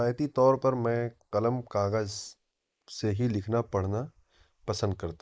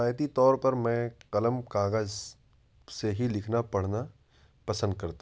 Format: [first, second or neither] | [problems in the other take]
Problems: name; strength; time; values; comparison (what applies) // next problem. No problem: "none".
second | noise reduction (neural mask model Resemble Enhance denoiser)